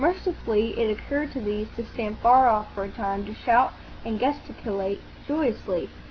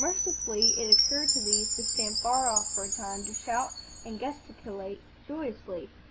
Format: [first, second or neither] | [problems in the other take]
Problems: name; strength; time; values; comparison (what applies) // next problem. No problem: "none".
first | background sound (Chime); 4 dB above the speech